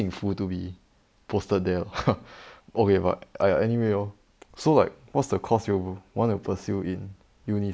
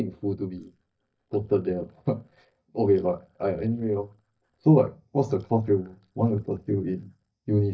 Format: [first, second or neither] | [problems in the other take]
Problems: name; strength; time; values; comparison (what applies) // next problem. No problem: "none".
first | noise reduction (neural mask model DeepFilterNet 3)